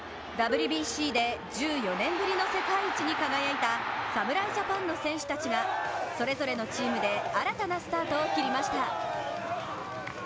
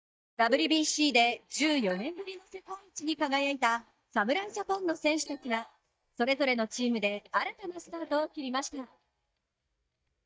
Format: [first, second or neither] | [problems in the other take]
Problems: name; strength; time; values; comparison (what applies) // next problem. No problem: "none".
first | noise reduction (neural mask model DeepFilterNet 3)